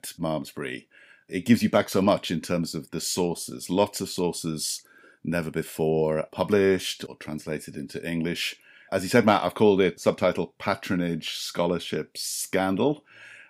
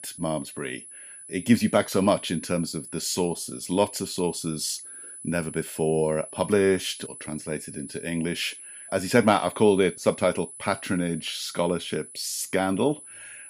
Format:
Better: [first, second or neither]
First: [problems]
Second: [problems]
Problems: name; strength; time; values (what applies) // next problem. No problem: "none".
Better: first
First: none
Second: high-pitched whine; noticeable; throughout; 10 kHz, 15 dB below the speech